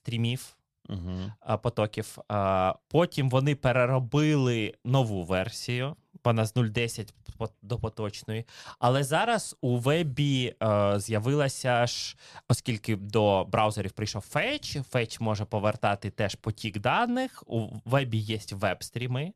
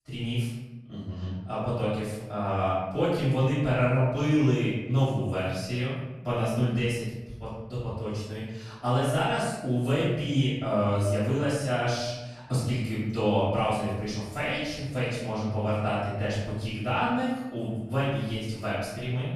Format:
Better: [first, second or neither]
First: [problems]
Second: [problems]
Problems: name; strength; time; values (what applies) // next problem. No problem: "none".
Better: first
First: none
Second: off-mic speech; far // room echo; strong; dies away in 0.9 s